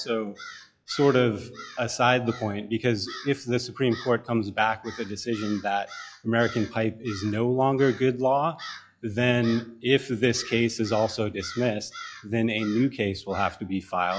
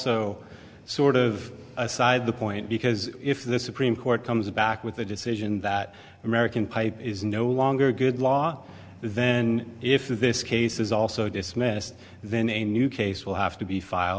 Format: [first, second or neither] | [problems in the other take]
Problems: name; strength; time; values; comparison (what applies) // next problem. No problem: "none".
second | noise reduction (classical method log-MMSE)